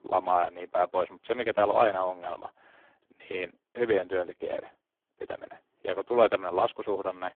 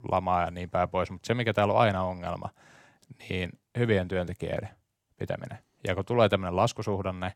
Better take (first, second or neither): second